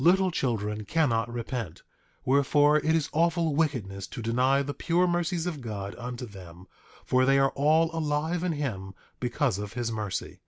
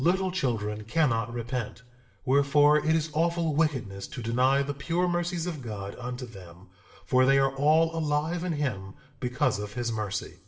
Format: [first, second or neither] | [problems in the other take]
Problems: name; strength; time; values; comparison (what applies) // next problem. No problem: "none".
first | room echo; dies away in 0.6 s